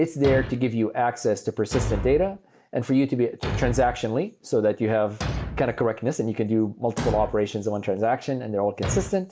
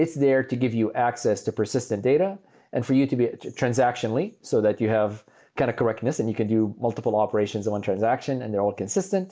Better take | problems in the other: second | background sound (Thump, thud); 9 dB below the speech

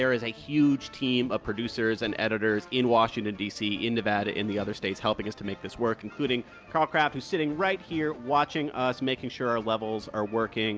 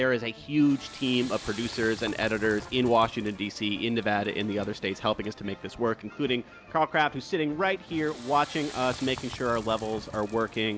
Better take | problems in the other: first | background sound (Bird + Toilet flush / Water); 18 dB below the speech

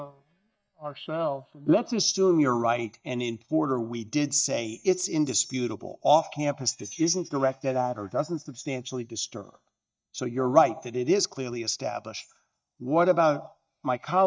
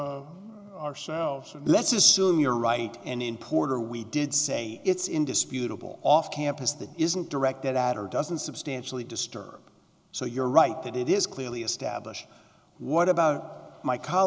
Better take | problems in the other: second | noise reduction (neural mask model DeepFilterNet 3)

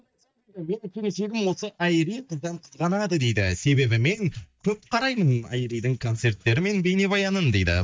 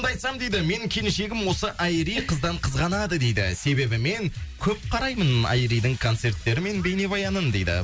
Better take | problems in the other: second | noise reduction (neural mask model DeepFilterNet 3)

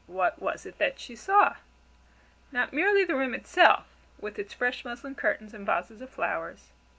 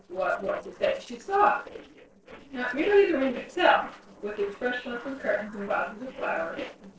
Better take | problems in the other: first | noise reduction (neural separator model SepFormer DNS4)

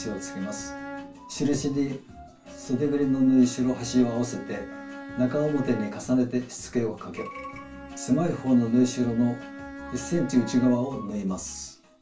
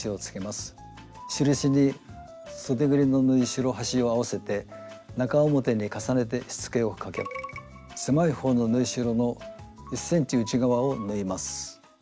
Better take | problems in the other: second | background sound (Bowed string instrument); 15 dB below the speech // room echo; dies away in 0.2 s

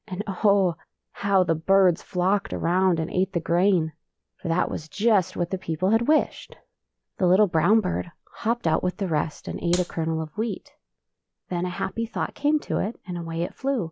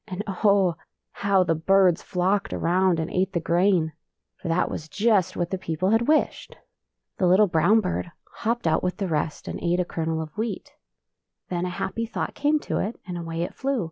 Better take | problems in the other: second | background sound (Clapping); 13 dB below the speech

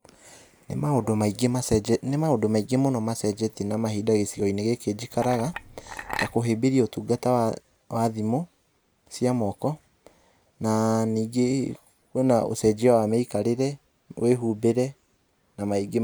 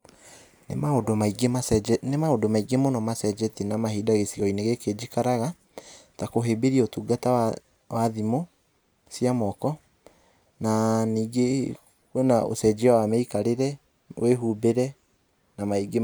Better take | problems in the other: second | background sound (Chink, clink); 10 dB below the speech

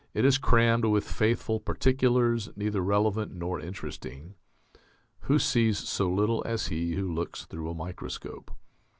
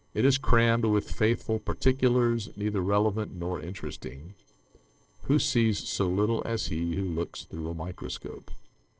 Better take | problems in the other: first | noise reduction (neural separator model SepFormer DNS4)

